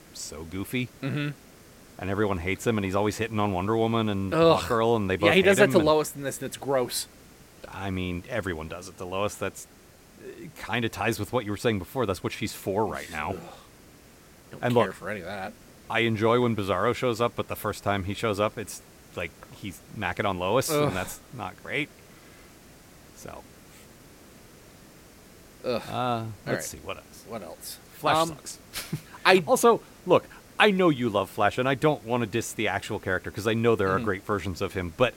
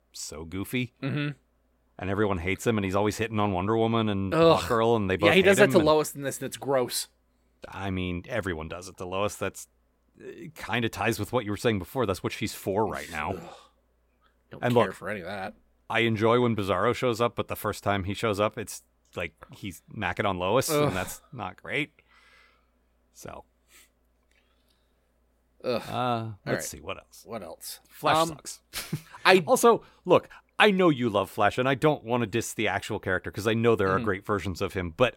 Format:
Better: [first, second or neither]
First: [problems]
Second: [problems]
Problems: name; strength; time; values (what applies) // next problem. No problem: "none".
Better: second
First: hiss; faint; throughout; 25 dB below the speech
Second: none